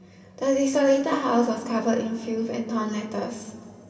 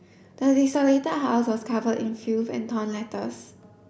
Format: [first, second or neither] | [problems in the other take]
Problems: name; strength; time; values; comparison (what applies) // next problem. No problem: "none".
second | room echo; dies away in 2.5 s